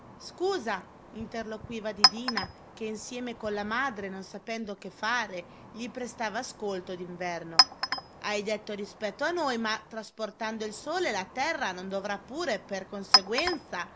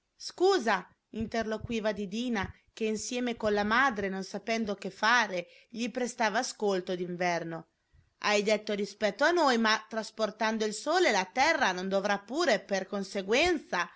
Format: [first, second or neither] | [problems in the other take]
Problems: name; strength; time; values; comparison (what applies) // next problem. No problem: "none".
second | background sound (Chink, clink); as loud as the speech